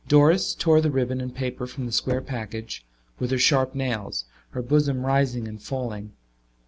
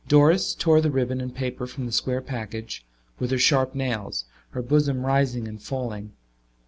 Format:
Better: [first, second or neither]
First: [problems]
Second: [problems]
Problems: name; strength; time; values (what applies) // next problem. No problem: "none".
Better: second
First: background sound (Knock); 16 dB below the speech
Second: none